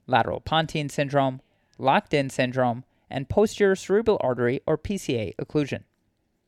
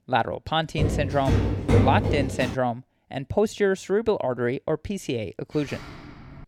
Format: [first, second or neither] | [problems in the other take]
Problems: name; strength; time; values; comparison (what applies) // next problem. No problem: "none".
first | footsteps; loud; from 1 to 2.5 s; peak 6 dB above the speech // door banging; faint; at 5.5 s; peak 15 dB below the speech